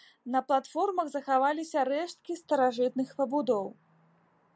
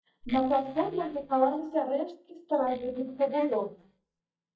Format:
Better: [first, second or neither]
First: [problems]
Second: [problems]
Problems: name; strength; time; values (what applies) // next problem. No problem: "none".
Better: first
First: none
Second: noise reduction (neural mask model DeepFilterNet 3)